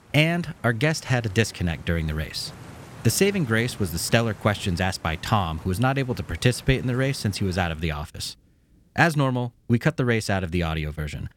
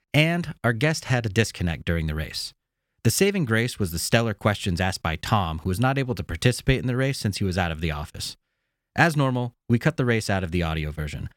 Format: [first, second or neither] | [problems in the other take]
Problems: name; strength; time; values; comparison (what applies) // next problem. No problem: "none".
second | rain or running water; noticeable; throughout; 20 dB below the speech